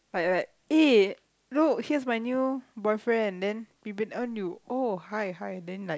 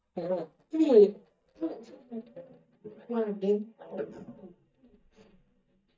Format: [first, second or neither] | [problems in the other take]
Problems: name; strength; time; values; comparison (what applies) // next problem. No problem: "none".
first | noise reduction (neural mask model DeepFilterNet 3)